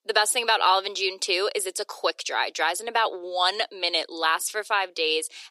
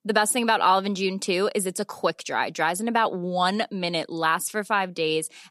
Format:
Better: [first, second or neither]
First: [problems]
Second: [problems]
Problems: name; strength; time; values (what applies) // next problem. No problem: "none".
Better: second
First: thin; very; fading below 350 Hz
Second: none